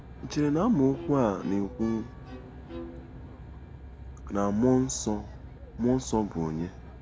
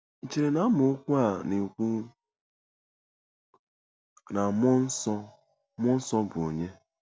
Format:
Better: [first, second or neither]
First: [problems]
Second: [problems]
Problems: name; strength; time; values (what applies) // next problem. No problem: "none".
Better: second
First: background sound (Aircraft + Bowed string instrument); 13 dB below the speech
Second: none